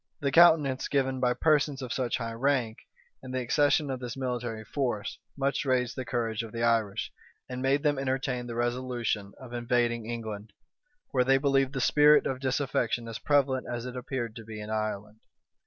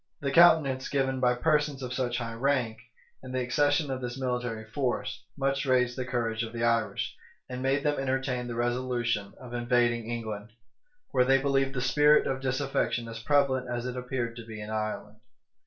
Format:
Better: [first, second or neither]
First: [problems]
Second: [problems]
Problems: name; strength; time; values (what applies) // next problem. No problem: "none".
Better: first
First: none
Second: room echo; dies away in 0.3 s